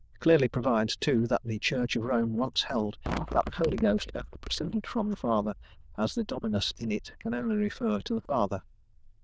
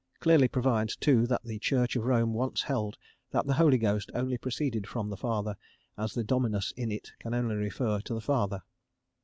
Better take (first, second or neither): second